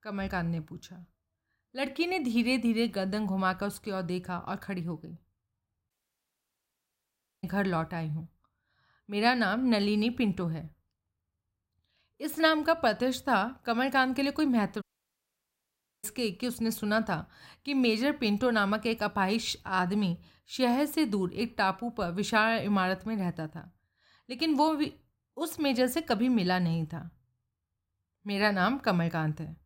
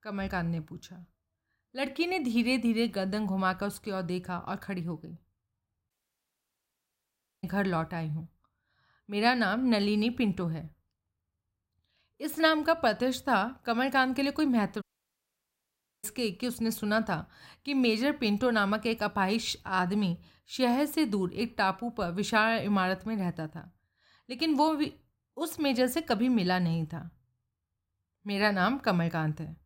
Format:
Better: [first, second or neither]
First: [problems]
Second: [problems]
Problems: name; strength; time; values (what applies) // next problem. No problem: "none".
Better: neither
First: audio cutting out; at 6 s for 1.5 s and at 15 s for 1 s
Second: audio cutting out; at 6 s for 1.5 s and at 15 s for 1 s